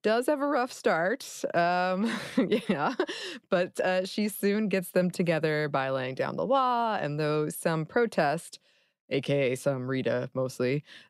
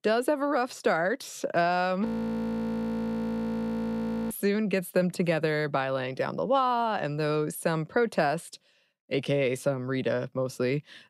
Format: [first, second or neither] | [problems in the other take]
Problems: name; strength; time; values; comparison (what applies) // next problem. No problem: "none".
first | audio freezing; at 2 s for 2.5 s